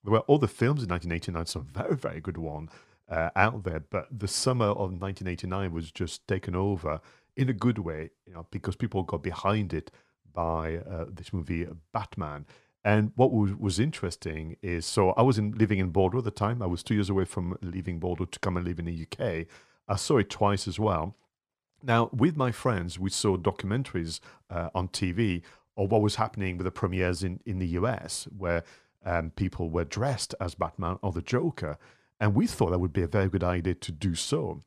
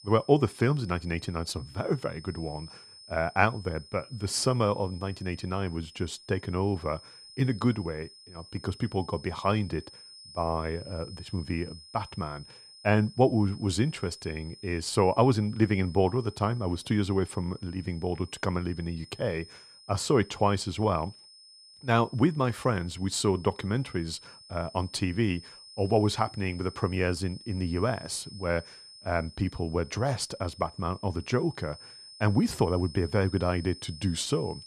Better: first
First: none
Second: high-pitched whine; noticeable; throughout; 5 kHz, 20 dB below the speech

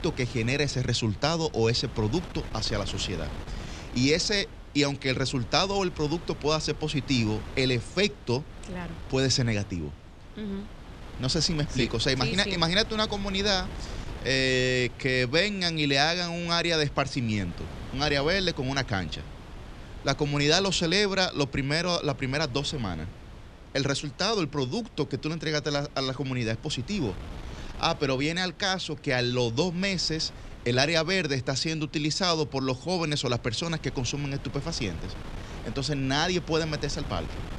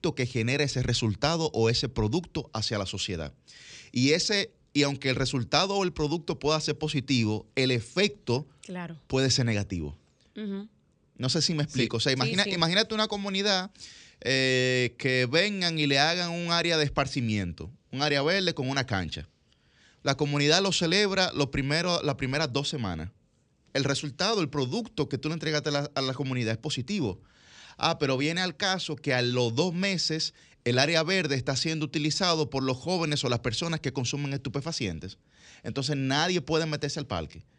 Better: second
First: wind noise on the microphone; occasional gusts; 20 dB below the speech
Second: none

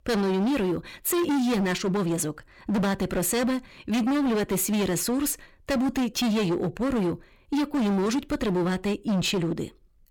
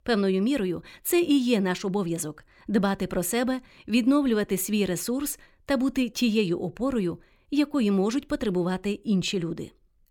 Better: second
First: distortion; heavy; 27% of the sound clipped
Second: none

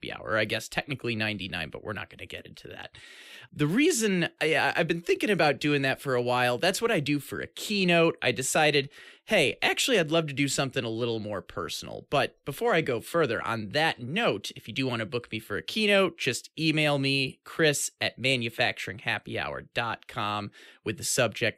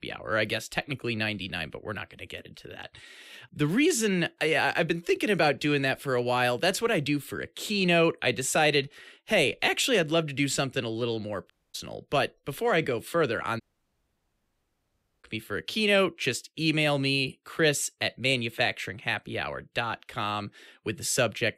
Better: first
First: none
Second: audio cutting out; at 12 s and at 14 s for 1.5 s

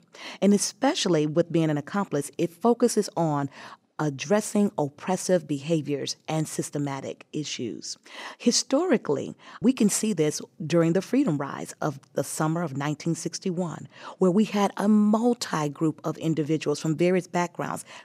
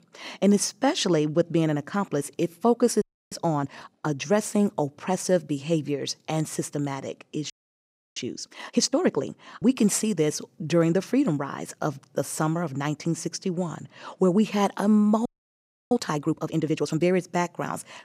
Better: first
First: none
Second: audio freezing; at 3 s, at 7.5 s for 0.5 s and at 15 s for 0.5 s

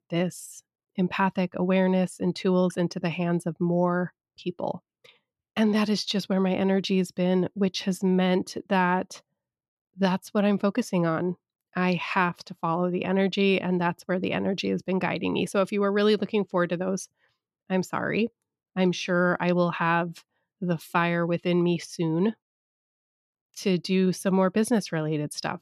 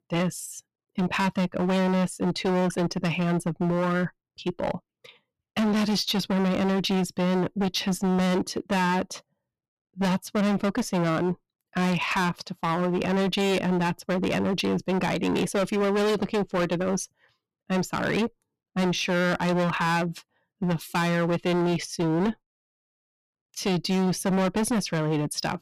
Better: first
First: none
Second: distortion; heavy; 22% of the sound clipped

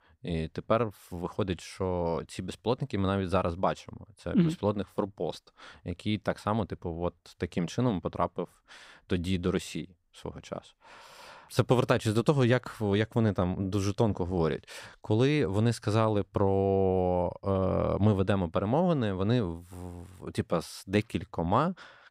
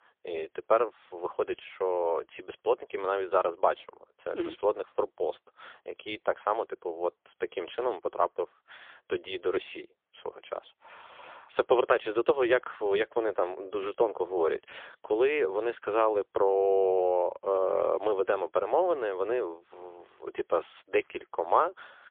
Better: first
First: none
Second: phone-call audio; poor line; nothing above 3.5 kHz

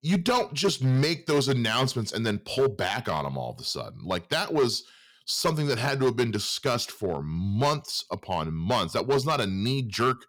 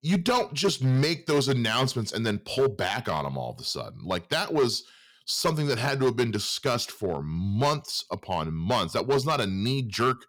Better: neither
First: distortion; slight; 5% of the sound clipped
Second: distortion; slight; 5% of the sound clipped

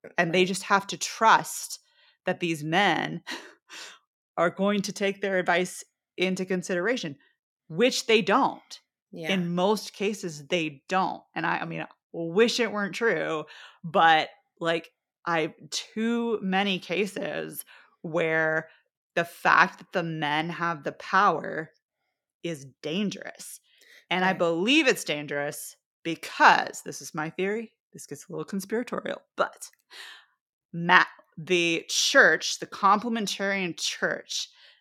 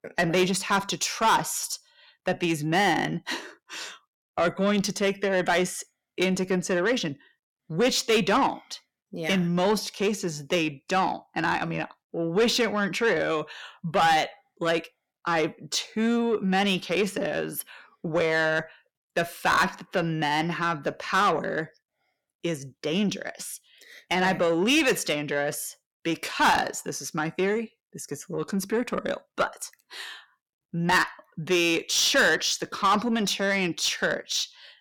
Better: first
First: none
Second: distortion; heavy; 8 dB below the speech

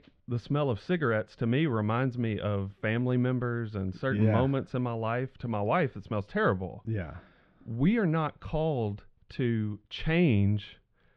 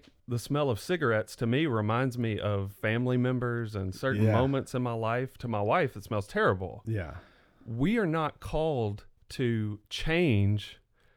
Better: second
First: muffled; slightly; fading above 3.5 kHz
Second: none

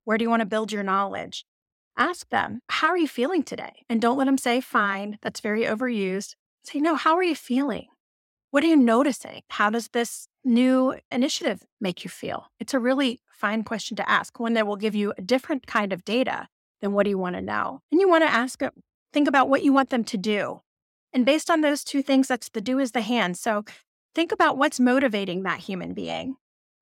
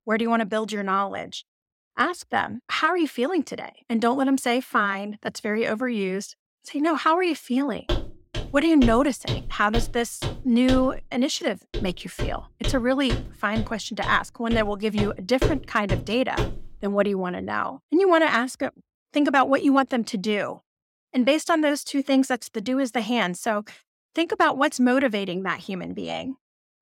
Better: first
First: none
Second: footsteps; noticeable; from 8 to 17 s; peak 3 dB below the speech

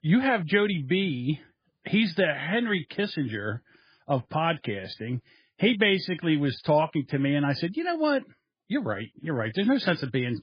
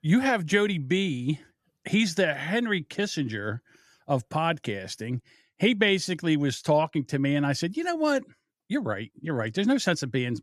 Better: second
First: garbled, watery; badly; nothing above 5 kHz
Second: none

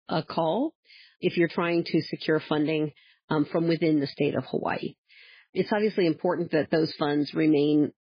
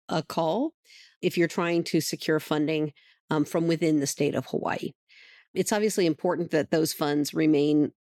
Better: second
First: garbled, watery; badly; nothing above 5 kHz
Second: none

